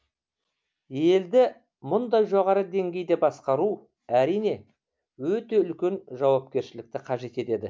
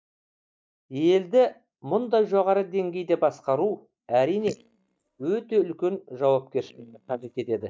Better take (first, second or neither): first